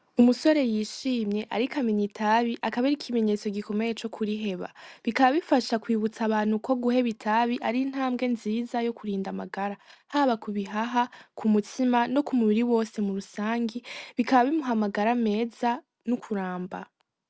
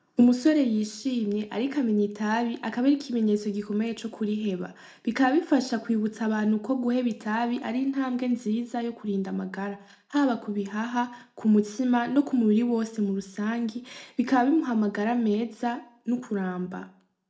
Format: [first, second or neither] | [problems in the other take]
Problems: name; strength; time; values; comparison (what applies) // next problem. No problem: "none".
first | room echo; dies away in 0.3 s